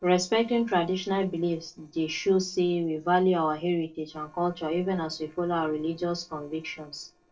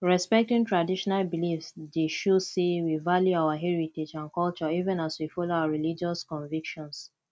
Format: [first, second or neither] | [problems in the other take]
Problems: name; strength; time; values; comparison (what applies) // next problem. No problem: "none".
second | noise reduction (neural separator model SepFormer DNS4)